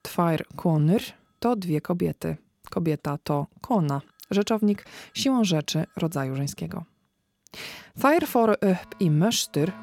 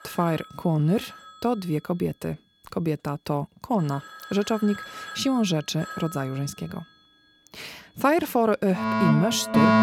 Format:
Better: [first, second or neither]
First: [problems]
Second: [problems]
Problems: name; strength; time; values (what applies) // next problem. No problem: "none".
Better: first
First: alarms or sirens; faint; throughout; 30 dB below the speech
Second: alarms or sirens; loud; throughout; 2 dB below the speech